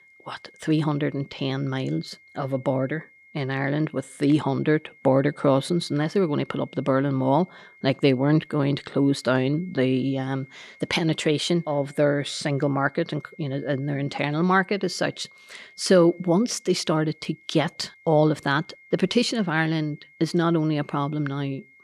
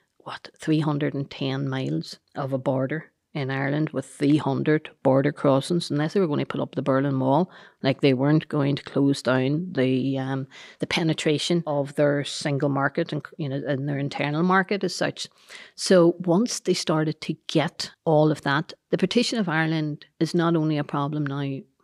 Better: second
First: high-pitched whine; faint; throughout; 2 kHz, 25 dB below the speech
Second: none

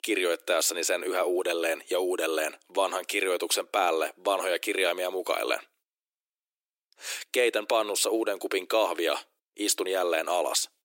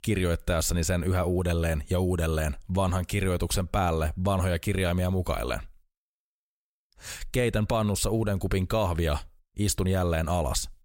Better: second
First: thin; very; fading below 300 Hz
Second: none

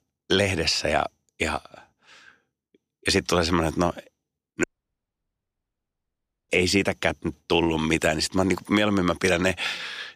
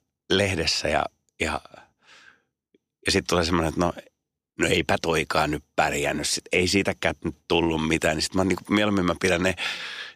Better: second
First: audio cutting out; at 4.5 s for 2 s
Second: none

